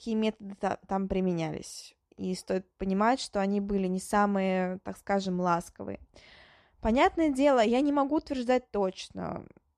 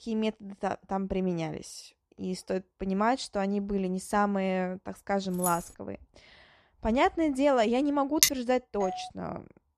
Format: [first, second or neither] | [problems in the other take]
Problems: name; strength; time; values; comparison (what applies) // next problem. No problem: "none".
first | jangling keys; noticeable; at 5.5 s; peak 5 dB below the speech // clattering dishes; loud; at 8 s; peak 6 dB above the speech // doorbell; noticeable; at 9 s; peak 8 dB below the speech